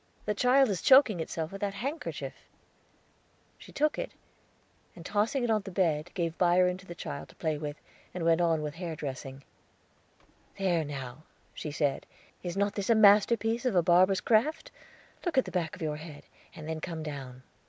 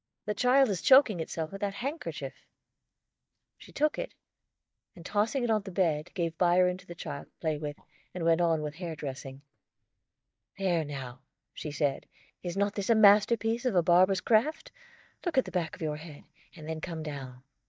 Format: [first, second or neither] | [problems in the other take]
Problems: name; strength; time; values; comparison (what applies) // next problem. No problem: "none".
first | noise reduction (neural mask model DeepFilterNet 3)